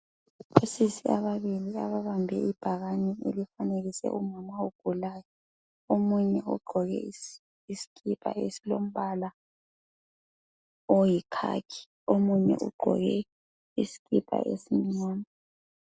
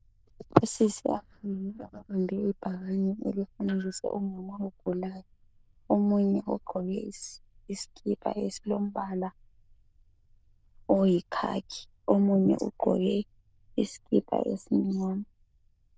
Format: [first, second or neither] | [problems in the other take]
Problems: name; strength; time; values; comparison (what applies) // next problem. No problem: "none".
first | noise reduction (neural diffusion model UNIVERSE++)